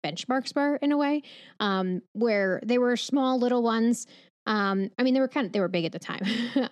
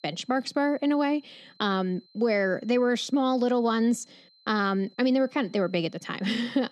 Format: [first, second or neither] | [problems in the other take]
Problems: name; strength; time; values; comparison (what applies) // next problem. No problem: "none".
first | high-pitched whine; faint; throughout; 4 kHz, 30 dB below the speech